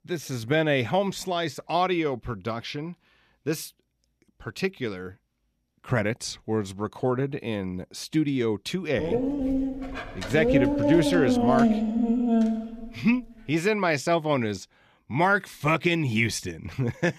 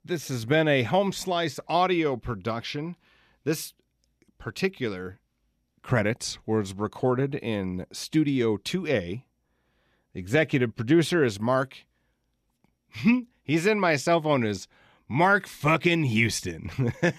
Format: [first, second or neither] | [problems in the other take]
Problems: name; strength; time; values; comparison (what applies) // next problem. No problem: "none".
second | dog barking; loud; from 9 to 13 s; peak 5 dB above the speech